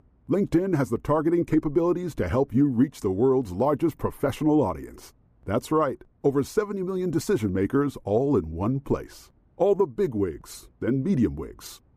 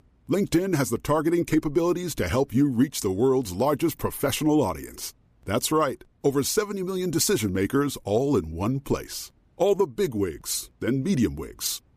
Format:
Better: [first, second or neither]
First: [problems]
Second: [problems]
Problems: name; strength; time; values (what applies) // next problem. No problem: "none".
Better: second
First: muffled; slightly; fading above 2 kHz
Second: none